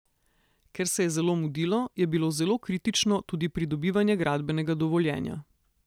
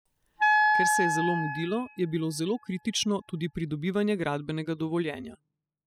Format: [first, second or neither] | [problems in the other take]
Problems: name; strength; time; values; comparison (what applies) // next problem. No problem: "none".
first | noise reduction (classical method spectral subtraction)